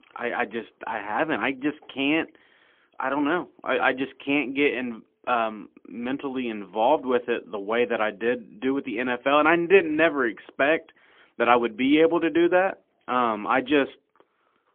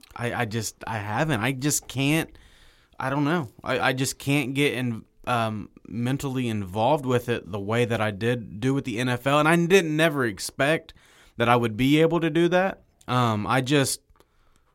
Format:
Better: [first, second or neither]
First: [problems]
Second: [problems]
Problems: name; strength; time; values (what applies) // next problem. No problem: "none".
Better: second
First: phone-call audio; poor line; nothing above 3.5 kHz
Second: none